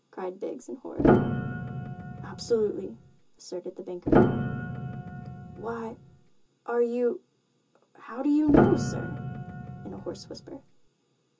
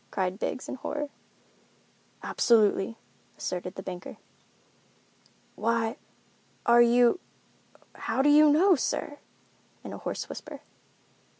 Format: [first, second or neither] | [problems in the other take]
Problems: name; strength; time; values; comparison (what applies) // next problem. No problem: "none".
second | background sound (Piano); 4 dB above the speech // room echo; dies away in 0.2 s